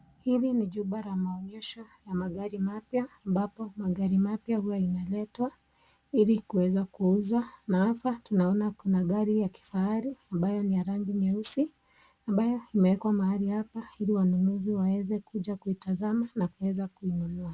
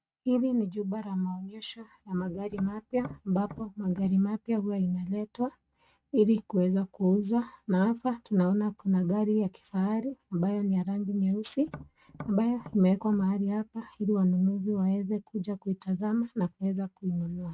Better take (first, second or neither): first